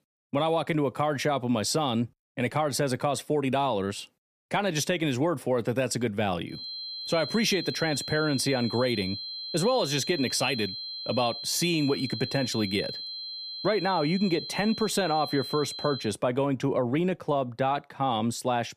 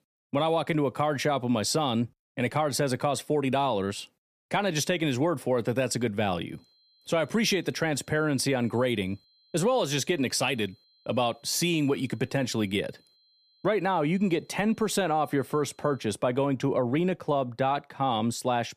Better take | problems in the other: second | high-pitched whine; loud; from 6.5 to 16 s; 4 kHz, 7 dB below the speech; faint in the second

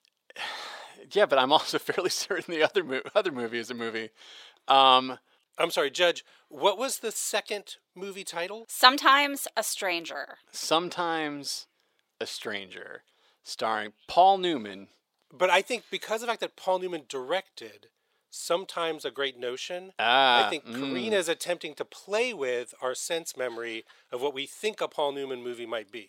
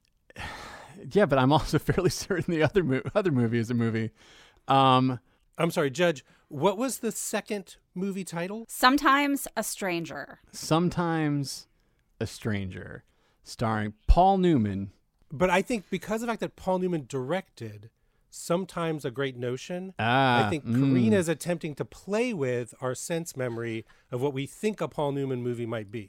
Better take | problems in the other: second | thin; somewhat; fading below 550 Hz

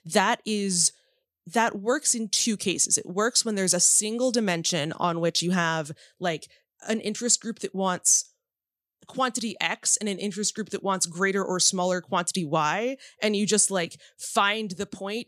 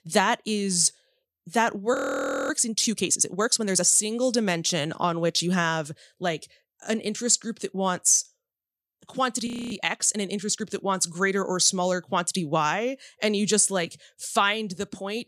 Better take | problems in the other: first | audio freezing; at 2 s for 0.5 s and at 9.5 s

